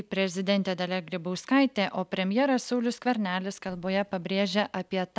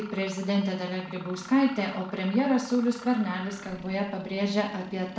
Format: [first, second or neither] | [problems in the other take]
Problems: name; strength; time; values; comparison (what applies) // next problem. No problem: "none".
first | background sound (Mechanisms); 18 dB below the speech // room echo; dies away in 0.5 s